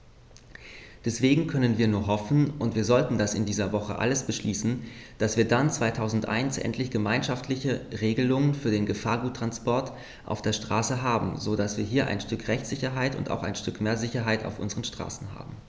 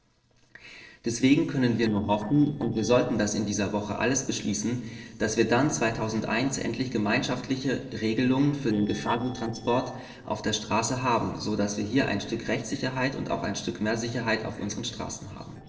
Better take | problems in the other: first | noise reduction (neural separator model SepFormer DNS4)

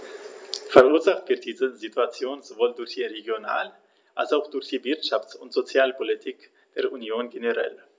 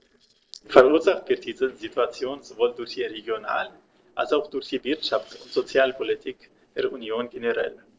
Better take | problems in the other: first | noise reduction (neural separator model SepFormer DNS4)

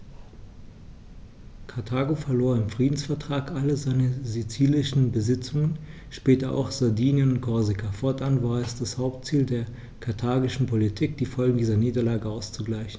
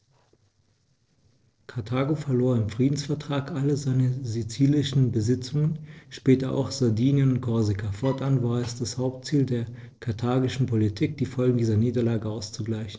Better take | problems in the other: first | noise reduction (neural separator model SepFormer DNS4)

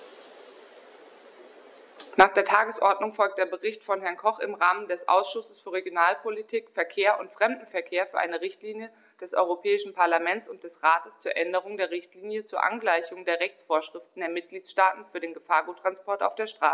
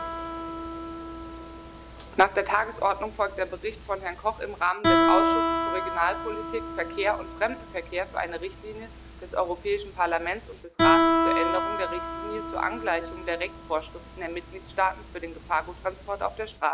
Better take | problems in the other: first | background sound (Guitar); as loud as the speech

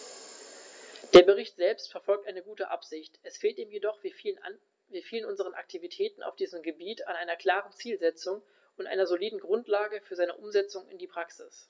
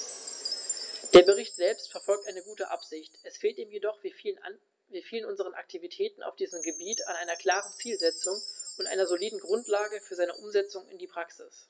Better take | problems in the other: first | background sound (Chime); 11 dB below the speech

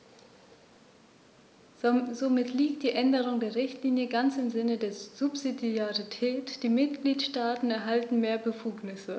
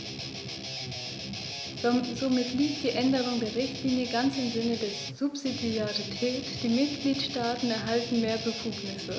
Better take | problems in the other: first | background sound (Guitar); 7 dB below the speech

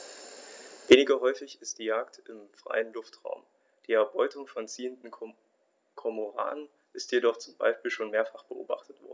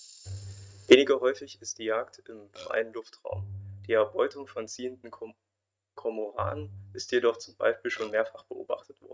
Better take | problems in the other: first | noise reduction (neural mask model RNNoise)

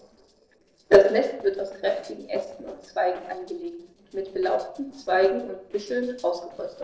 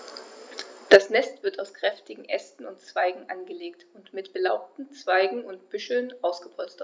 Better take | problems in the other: second | noise reduction (neural separator model SepFormer DNS4)

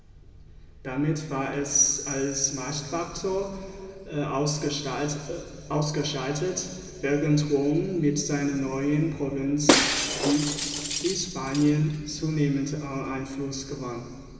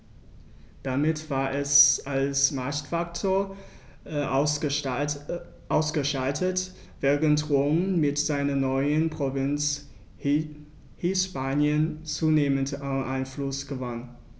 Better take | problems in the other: second | background sound (Shatter); as loud as the speech // room echo; dies away in 2.7 s

